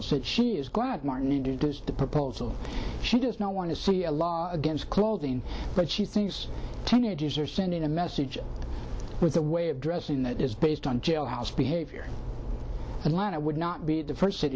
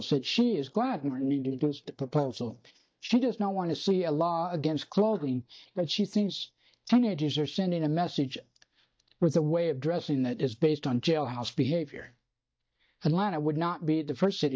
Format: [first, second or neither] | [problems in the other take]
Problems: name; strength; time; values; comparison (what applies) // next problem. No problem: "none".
first | noise reduction (neural mask model DeepFilterNet 3)